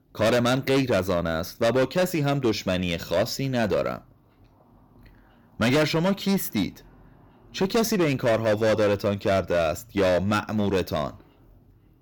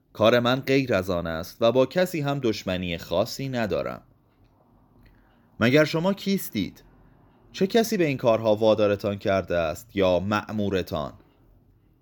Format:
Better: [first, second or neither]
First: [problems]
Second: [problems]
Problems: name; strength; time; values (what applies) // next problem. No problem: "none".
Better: second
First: distortion; heavy; 11% of the sound clipped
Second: none